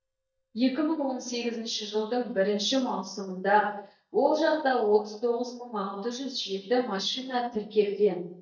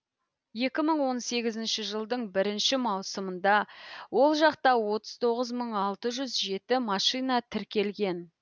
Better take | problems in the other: second | noise reduction (neural mask model DeepFilterNet 3)

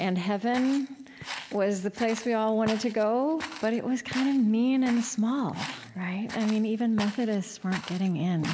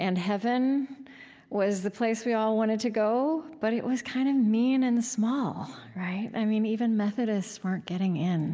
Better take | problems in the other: second | background sound (Walk, footsteps); 15 dB below the speech

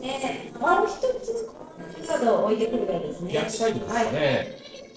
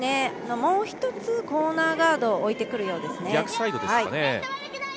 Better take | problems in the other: second | noise reduction (neural separator model SepFormer DNS4)

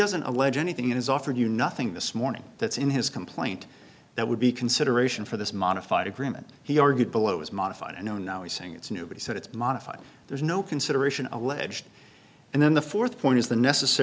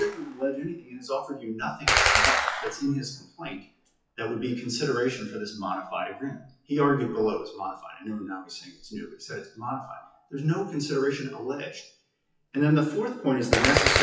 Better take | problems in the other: first | noise reduction (classical method WPE with log-MMSE)

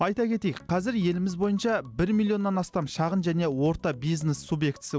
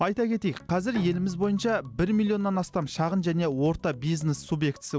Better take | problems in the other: first | background sound (Bowed string instrument); 20 dB below the speech

